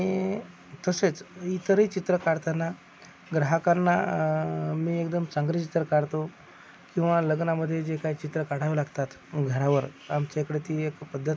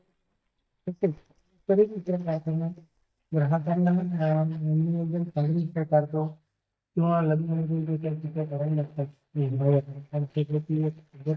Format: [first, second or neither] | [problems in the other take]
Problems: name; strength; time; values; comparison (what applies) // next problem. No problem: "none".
first | noise reduction (neural mask model DeepFilterNet 3)